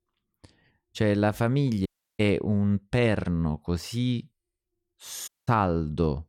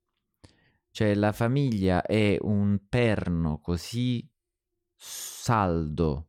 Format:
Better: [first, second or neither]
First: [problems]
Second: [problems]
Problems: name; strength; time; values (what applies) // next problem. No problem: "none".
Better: second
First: audio cutting out; at 2 s and at 5.5 s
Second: none